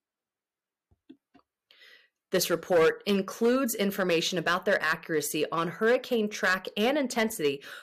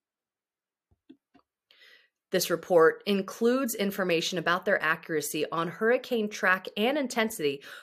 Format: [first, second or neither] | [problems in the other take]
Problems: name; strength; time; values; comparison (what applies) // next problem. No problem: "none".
second | distortion; slight; 3% of the sound clipped